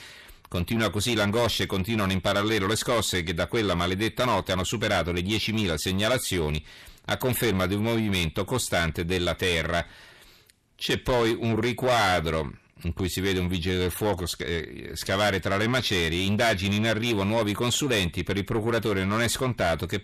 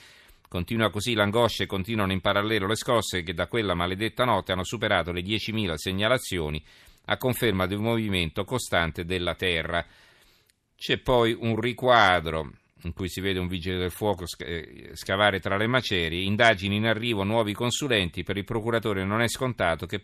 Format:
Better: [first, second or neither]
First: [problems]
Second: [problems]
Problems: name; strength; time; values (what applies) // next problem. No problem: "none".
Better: second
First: distortion; heavy; 7 dB below the speech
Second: none